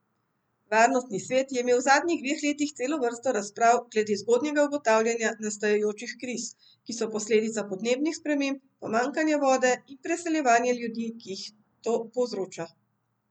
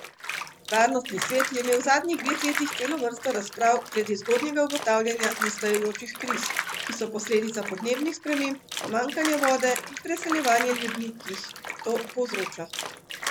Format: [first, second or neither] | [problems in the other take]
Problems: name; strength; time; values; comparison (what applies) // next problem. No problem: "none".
first | background sound (Bathtub (filling or washing)); 6 dB below the speech